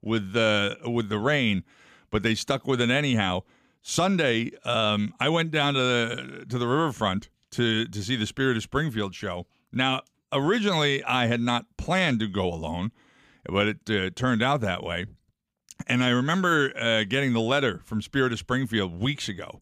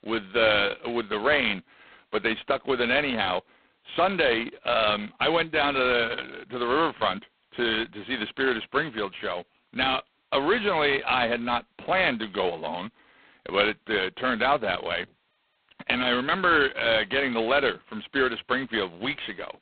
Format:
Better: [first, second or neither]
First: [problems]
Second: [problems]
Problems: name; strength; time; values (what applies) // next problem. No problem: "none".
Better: first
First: none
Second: phone-call audio; poor line; nothing above 4 kHz